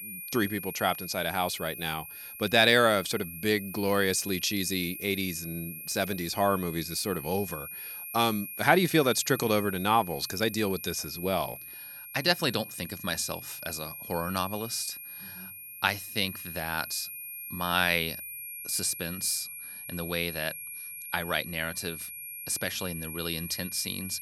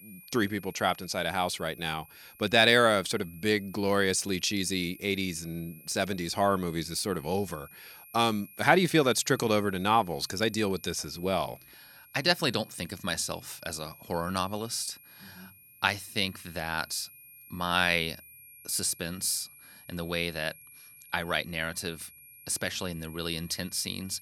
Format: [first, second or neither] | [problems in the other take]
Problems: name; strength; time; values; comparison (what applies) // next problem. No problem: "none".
second | high-pitched whine; loud; throughout; 11.5 kHz, 10 dB below the speech; faint in the second